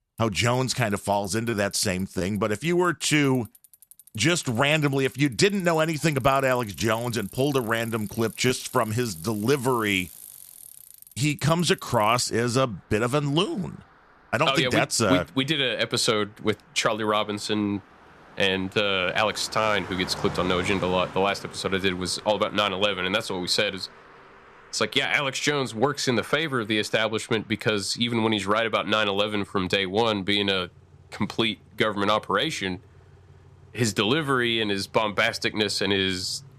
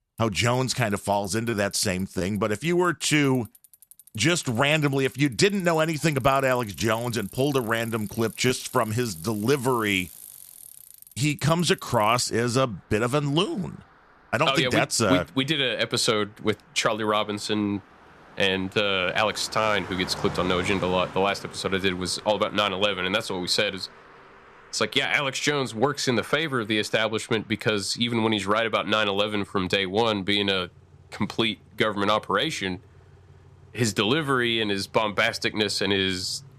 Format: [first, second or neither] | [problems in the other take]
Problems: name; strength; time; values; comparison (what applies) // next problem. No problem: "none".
neither | traffic noise; faint; throughout; 20 dB below the speech; the same in both